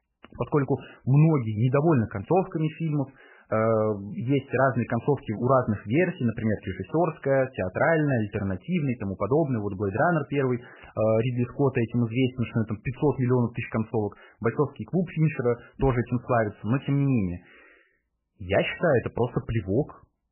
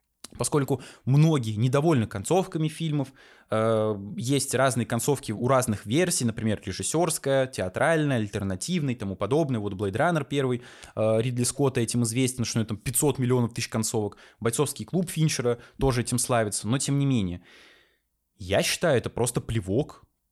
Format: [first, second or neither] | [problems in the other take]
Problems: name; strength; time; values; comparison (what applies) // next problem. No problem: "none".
second | garbled, watery; badly; nothing above 3 kHz